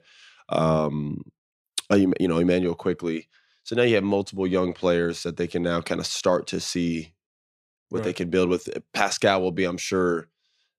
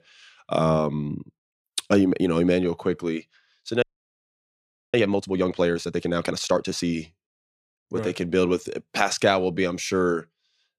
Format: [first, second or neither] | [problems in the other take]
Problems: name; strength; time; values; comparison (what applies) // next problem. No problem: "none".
first | audio freezing; at 4 s for 1 s